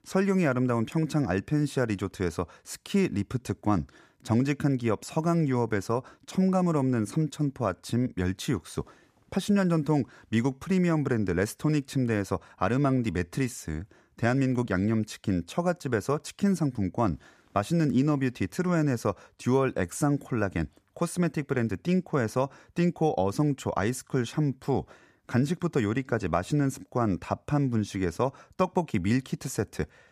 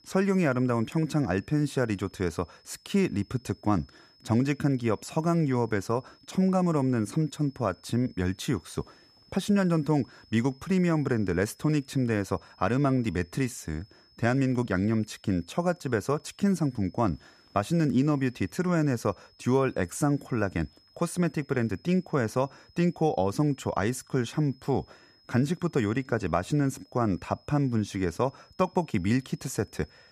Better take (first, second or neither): first